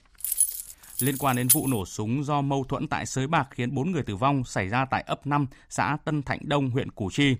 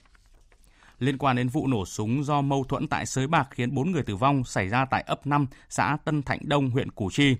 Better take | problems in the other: second | jangling keys; loud; until 1.5 s; peak 5 dB above the speech

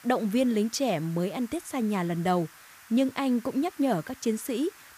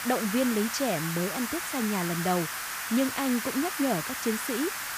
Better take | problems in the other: first | hiss; loud; throughout; 3 dB below the speech; faint in the first

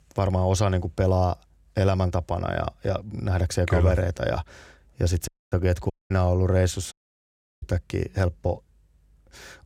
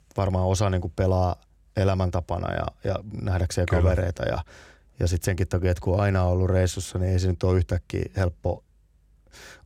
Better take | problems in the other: second | audio cutting out; at 5.5 s, at 6 s and at 7 s for 0.5 s

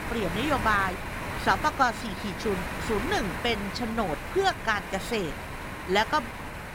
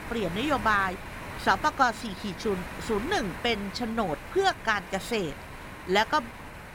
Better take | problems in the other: second | wind noise on the microphone; heavy; 7 dB below the speech; occasional gusts in the second

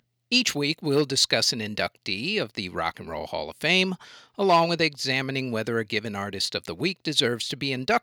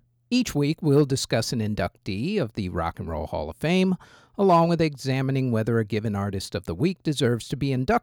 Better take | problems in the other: second | thin; very slightly; fading below 350 Hz

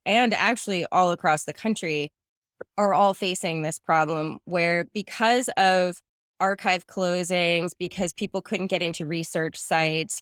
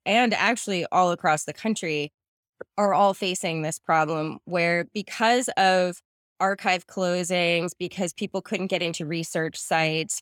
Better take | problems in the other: second | garbled, watery; slightly; nothing above 18 kHz

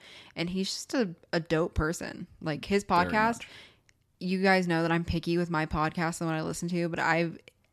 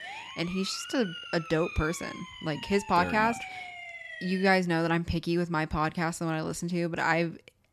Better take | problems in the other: first | siren; noticeable; until 4.5 s; peak 9 dB below the speech

